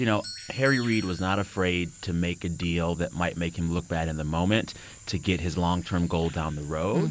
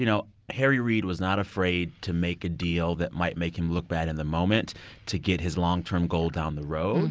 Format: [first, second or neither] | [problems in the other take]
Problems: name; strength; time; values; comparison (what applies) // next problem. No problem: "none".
second | background sound (Doorbell + Bird vocalization, bird call, bird song); 19 dB below the speech